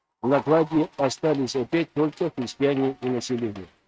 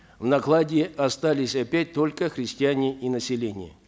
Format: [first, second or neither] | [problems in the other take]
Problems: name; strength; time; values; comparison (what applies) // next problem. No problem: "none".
second | noise reduction (neural mask model RNNoise)